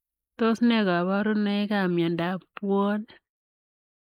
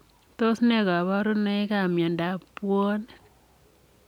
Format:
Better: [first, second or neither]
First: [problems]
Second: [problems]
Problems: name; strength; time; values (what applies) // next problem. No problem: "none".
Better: second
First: noise reduction (neural mask model Resemble Enhance denoiser)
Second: none